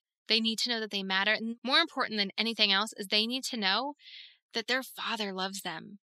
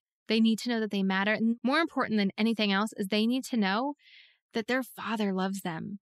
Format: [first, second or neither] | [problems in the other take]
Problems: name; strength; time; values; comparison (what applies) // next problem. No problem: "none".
second | thin; somewhat; fading below 1 kHz